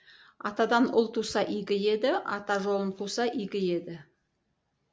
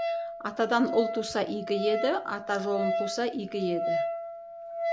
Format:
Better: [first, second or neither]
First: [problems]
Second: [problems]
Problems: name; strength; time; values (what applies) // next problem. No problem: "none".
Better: first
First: none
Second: background sound (Wind instrument, woodwind instrument); 3 dB below the speech